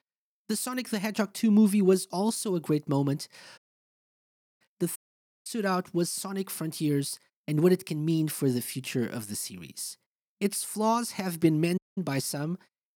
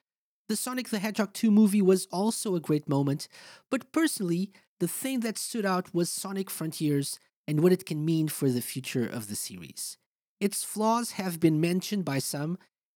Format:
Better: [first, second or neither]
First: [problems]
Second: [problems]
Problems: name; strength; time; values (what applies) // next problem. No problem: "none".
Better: second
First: audio cutting out; at 3.5 s for 1 s, at 5 s for 0.5 s and at 12 s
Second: none